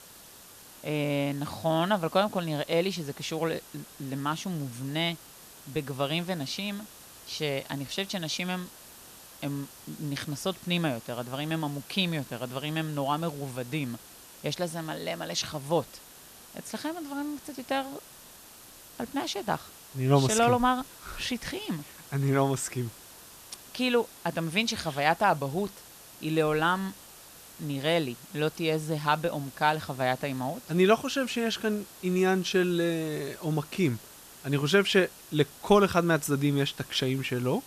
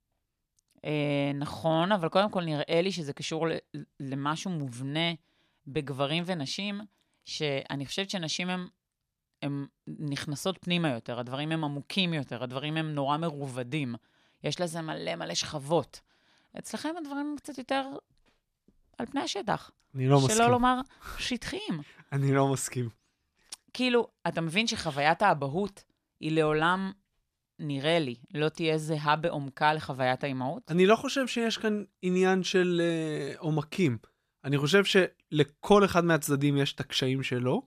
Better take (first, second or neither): second